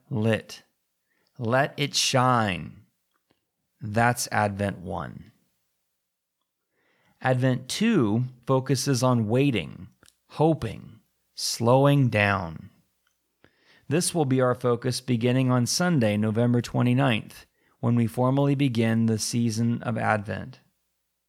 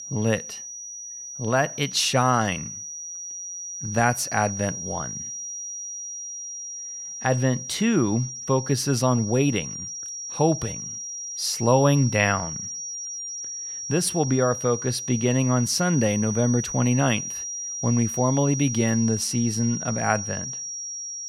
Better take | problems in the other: first | high-pitched whine; loud; throughout; 5.5 kHz, 7 dB below the speech

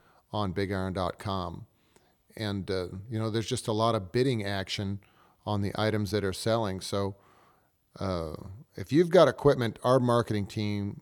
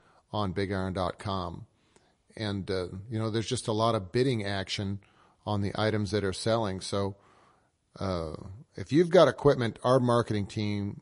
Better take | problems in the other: first | garbled, watery; slightly; nothing above 10.5 kHz

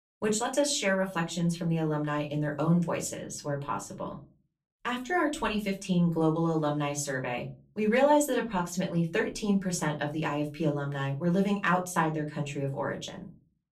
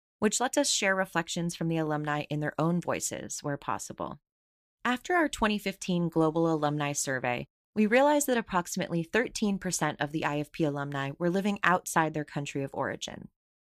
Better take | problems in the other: second | off-mic speech; far // room echo; very slight; dies away in 0.3 s

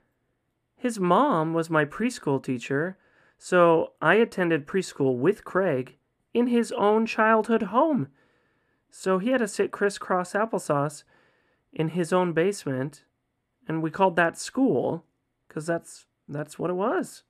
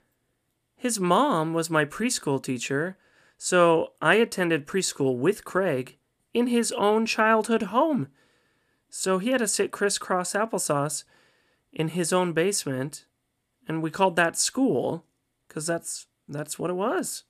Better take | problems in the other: second | muffled; slightly; fading above 3 kHz

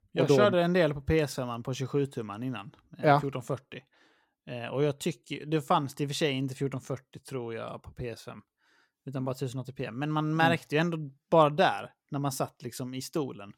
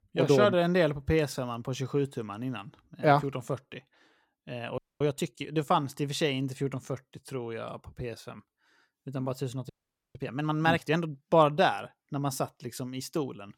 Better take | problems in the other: first | audio freezing; at 5 s and at 9.5 s

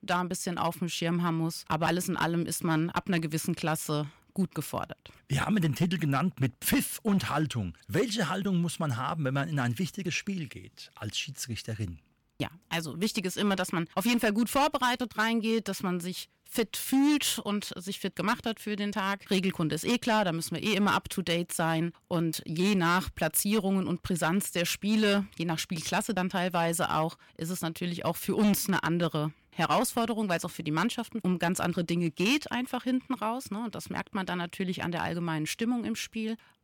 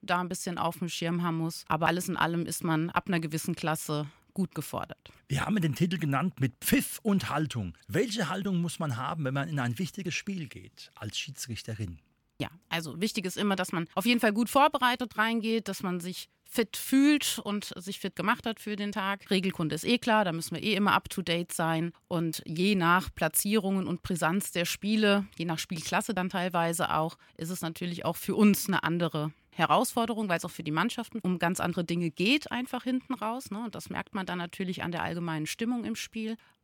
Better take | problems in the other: second | distortion; slight; 4% of the sound clipped

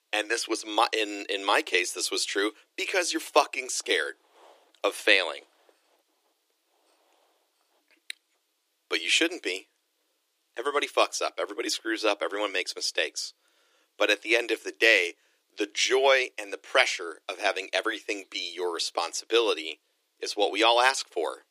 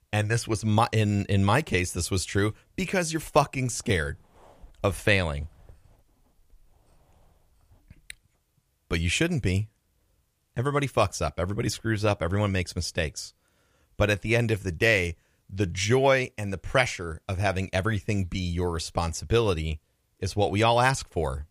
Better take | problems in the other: second | thin; very; fading below 300 Hz

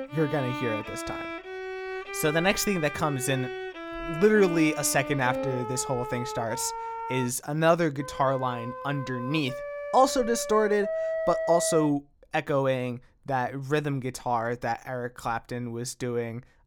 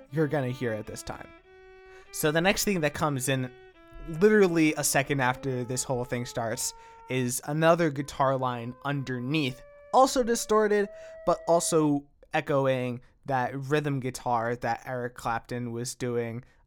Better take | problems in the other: second | background music; loud; until 12 s; 7 dB below the speech; faint in the second

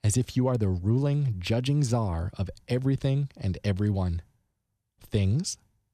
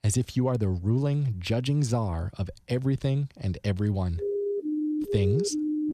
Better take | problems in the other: first | siren; noticeable; from 4 s on; peak 1 dB below the speech

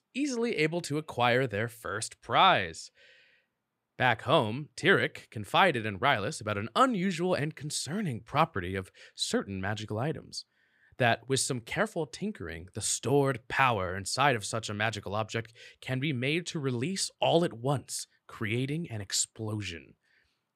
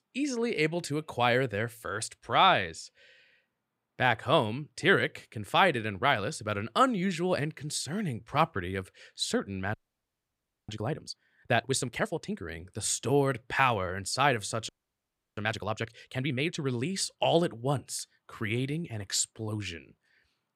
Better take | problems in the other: first | audio freezing; at 9.5 s for 1 s and at 15 s for 0.5 s

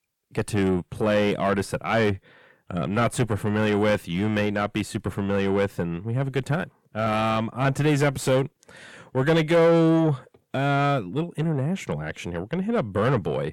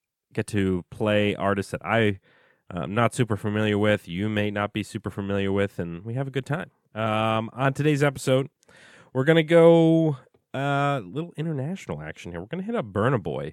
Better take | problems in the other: second | distortion; heavy; 7 dB below the speech

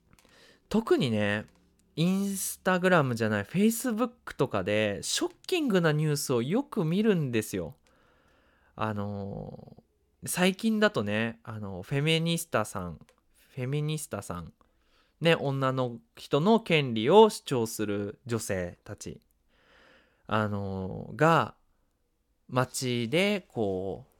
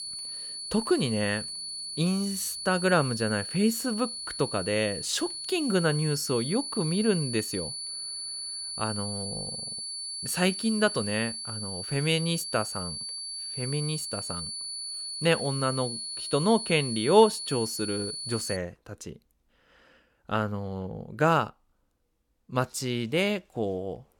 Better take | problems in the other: first | high-pitched whine; loud; until 19 s; 4.5 kHz, 5 dB below the speech

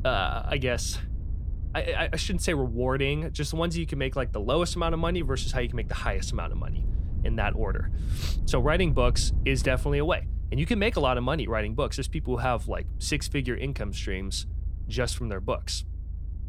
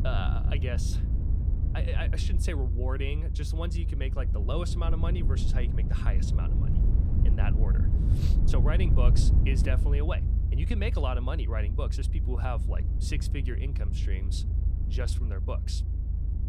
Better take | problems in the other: first | low rumble; loud; throughout; 5 dB below the speech; faint in the first

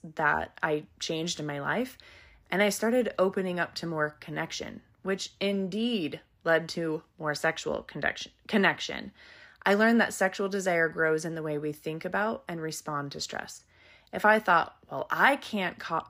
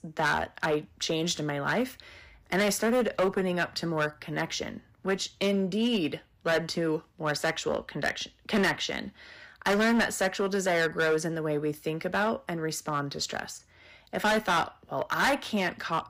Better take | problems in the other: first | distortion; heavy; 7% of the sound clipped

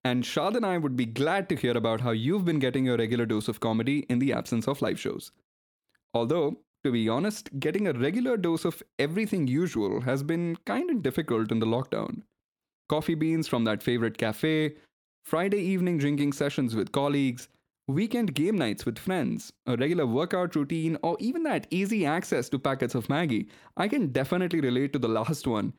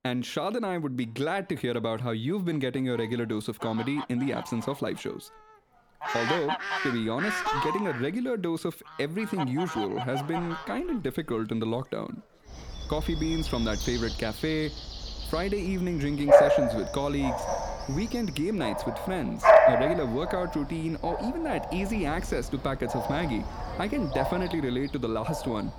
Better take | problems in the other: first | animal sounds; very loud; throughout; 2 dB above the speech

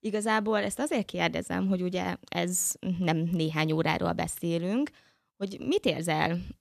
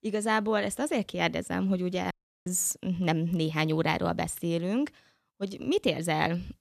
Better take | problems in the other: first | audio cutting out; at 2 s

